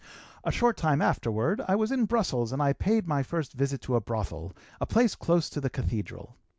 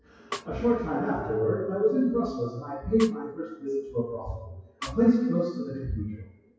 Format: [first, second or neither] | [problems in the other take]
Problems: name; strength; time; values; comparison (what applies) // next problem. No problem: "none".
first | noise reduction (classical method WPE with log-MMSE)